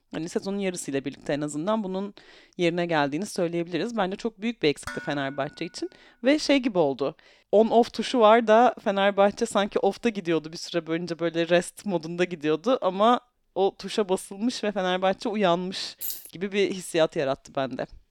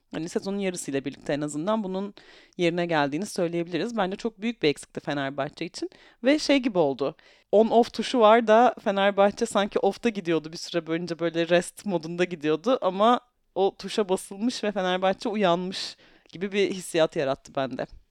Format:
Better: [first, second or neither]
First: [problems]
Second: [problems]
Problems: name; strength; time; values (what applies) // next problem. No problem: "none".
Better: second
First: clattering dishes; faint; at 5 s; peak 10 dB below the speech // jangling keys; noticeable; at 16 s; peak 7 dB below the speech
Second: none